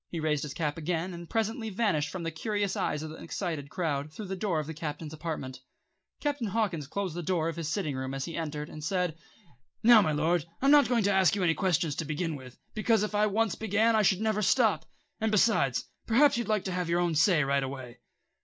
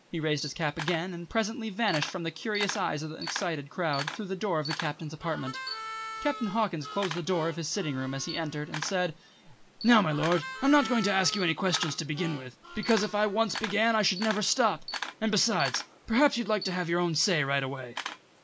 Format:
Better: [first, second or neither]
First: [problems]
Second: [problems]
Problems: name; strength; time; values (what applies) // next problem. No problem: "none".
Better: first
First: none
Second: background sound (Harmonica + Camera); 11 dB below the speech